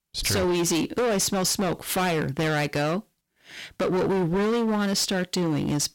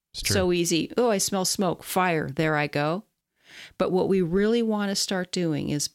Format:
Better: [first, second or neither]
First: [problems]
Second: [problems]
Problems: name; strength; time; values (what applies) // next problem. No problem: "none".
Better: second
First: distortion; heavy; 25% of the sound clipped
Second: none